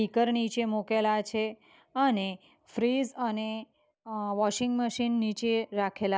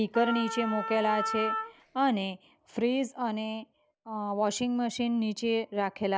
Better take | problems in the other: first | background sound (Wind instrument, woodwind instrument); 5 dB below the speech

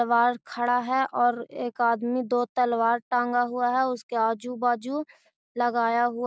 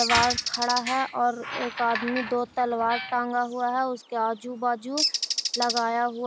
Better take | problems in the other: first | background sound (Squeak + Bird); 5 dB below the speech

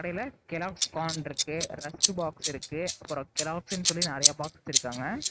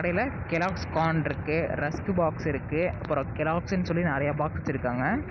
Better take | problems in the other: second | noise reduction (neural mask model RNNoise)

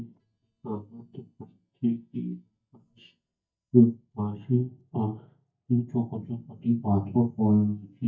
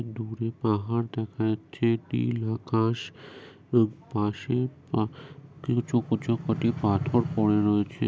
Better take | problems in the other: second | noise reduction (neural mask model DeepFilterNet 3)

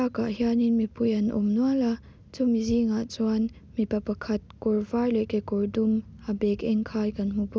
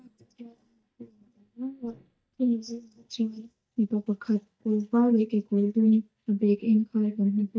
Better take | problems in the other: first | noise reduction (neural mask model DeepFilterNet 3)

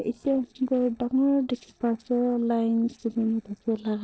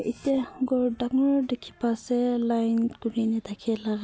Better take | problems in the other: second | noise reduction (neural separator model SepFormer DNS4)

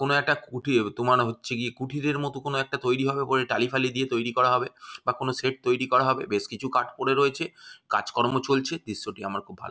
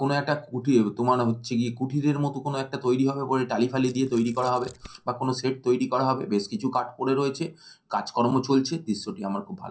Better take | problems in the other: first | noise reduction (neural separator model SepFormer DNS4)

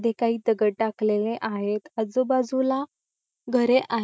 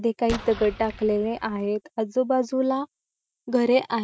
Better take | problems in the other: first | background sound (Explosion); 13 dB below the speech

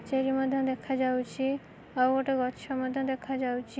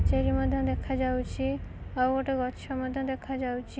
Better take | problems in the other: first | background sound (Boom); 3 dB below the speech

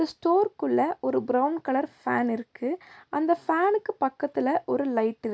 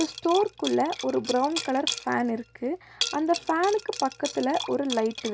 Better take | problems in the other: first | background sound (Liquid); 10 dB below the speech

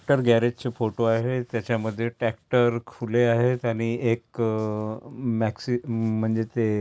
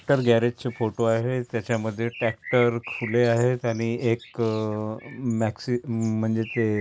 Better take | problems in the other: first | background sound (Bird); 18 dB below the speech

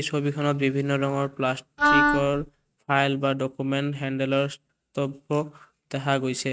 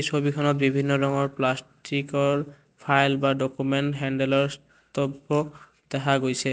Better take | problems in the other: second | noise reduction (neural mask model RNNoise)

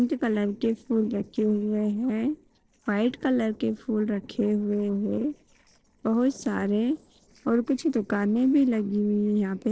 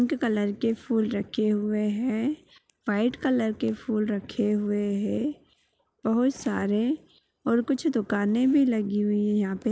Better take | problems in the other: second | noise reduction (neural separator model SepFormer DNS4)

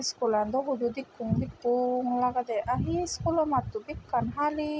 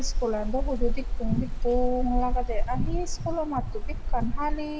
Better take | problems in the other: first | background sound (Rain); 3 dB above the speech // room echo; dies away in 1.6 s

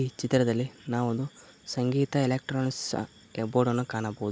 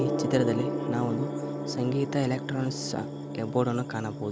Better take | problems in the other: first | background sound (Gong); 3 dB below the speech

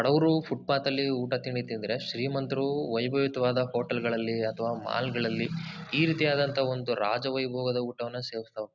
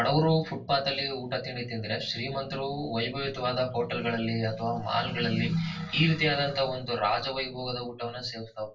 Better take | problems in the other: first | room echo; dies away in 0.2 s

